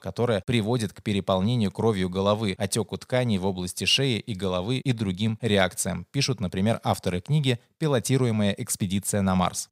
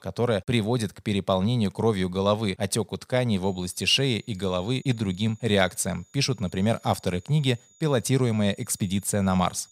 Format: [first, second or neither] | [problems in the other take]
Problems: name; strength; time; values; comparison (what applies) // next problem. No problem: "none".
first | high-pitched whine; faint; from 3.5 s on; 7 kHz, 30 dB below the speech